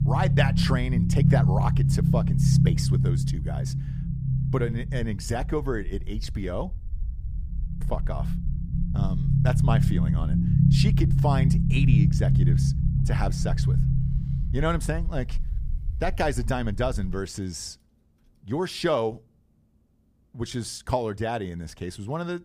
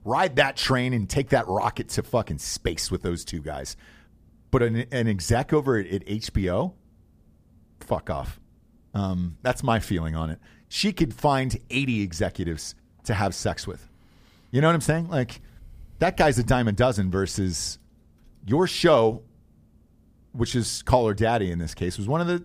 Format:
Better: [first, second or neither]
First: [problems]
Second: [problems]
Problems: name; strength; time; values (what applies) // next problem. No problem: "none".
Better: second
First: low rumble; loud; until 17 s; 3 dB below the speech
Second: none